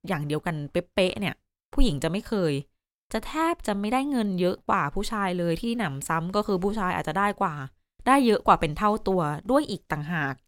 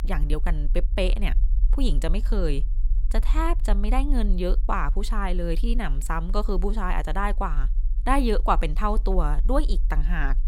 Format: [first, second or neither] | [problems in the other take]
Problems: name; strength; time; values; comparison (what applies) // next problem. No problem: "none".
first | low rumble; faint; throughout; 25 dB below the speech